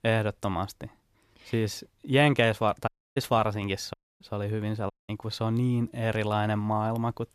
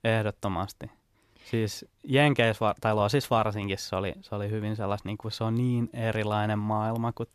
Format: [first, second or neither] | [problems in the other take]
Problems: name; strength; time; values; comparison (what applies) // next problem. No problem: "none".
second | audio cutting out; at 3 s, at 4 s and at 5 s